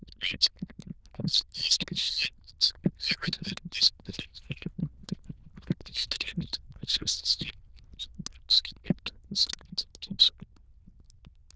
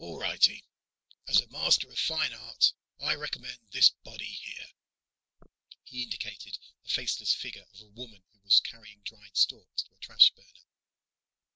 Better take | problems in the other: second | noise reduction (neural diffusion model UNIVERSE++)

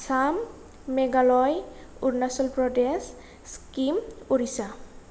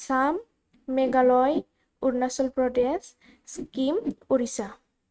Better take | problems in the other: first | noise reduction (neural mask model RNNoise)

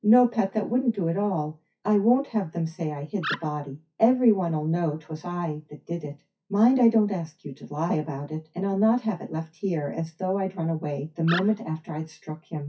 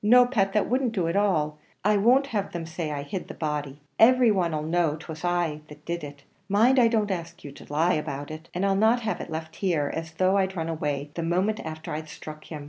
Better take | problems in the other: second | noise reduction (classical method WPE with log-MMSE)

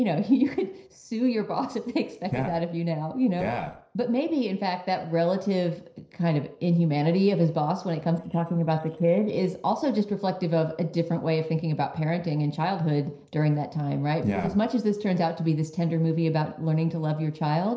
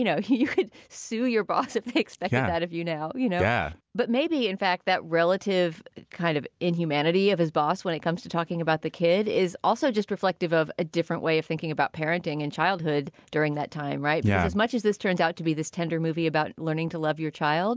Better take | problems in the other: second | noise reduction (neural separator model SepFormer DNS4)

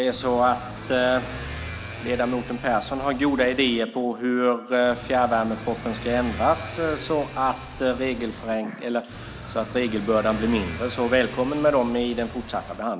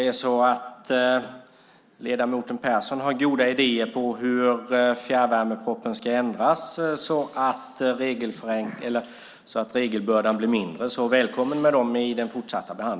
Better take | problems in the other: second | background sound (Motorcycle / Accelerating, revving, vroom); 12 dB below the speech

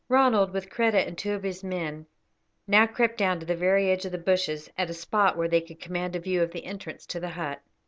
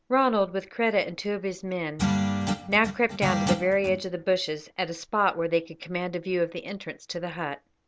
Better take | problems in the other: first | background sound (Guitar); 1 dB below the speech

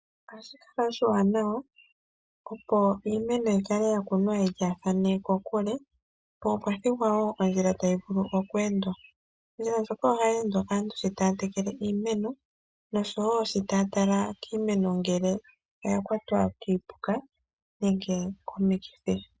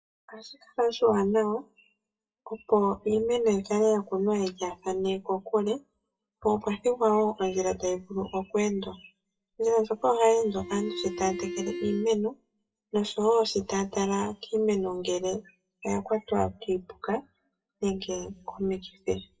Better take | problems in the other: first | noise reduction (classical method WPE with log-MMSE)

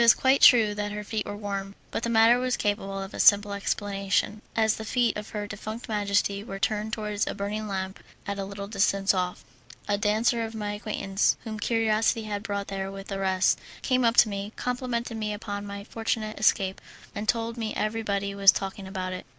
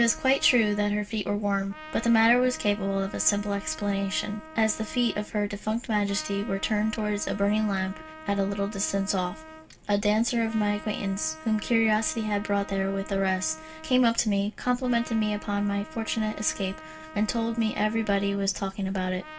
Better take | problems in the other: first | background sound (Trumpet); 18 dB below the speech // room echo; dies away in 0.2 s

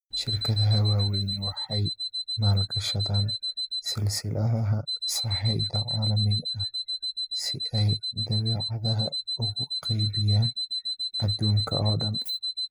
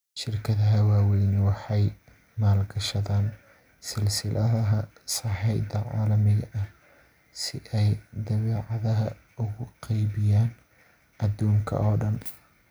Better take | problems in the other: second | noise reduction (classical method spectral subtraction)

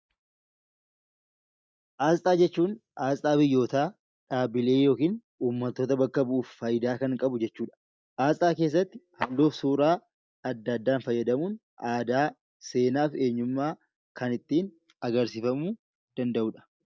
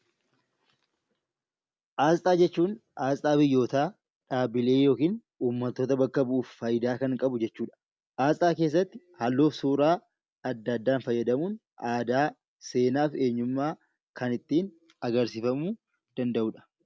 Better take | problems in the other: second | noise reduction (neural mask model DeepFilterNet 3)

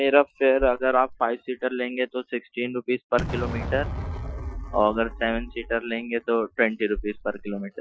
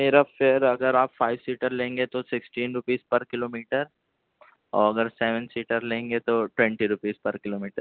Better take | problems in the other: second | noise reduction (classical method Wiener filter)

